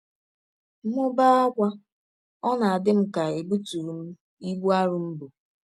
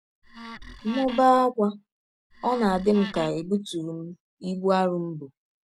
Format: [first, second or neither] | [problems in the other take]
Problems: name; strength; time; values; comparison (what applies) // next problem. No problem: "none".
first | background sound (Wood); 14 dB below the speech